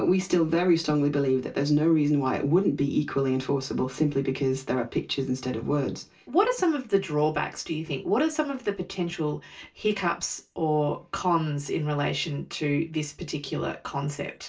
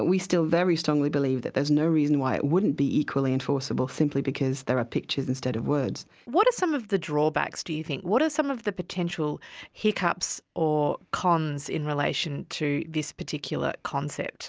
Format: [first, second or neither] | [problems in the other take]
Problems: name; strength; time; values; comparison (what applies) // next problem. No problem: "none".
second | room echo; dies away in 0.2 s